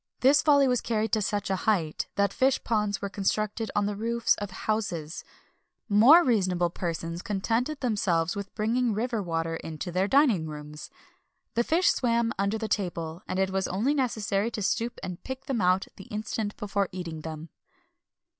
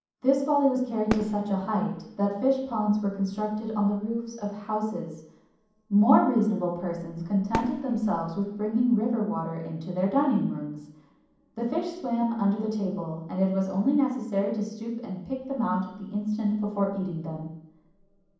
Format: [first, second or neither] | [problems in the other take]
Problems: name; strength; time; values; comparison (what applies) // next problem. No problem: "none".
first | background sound (Fireworks); 14 dB below the speech // room echo; dies away in 1.2 s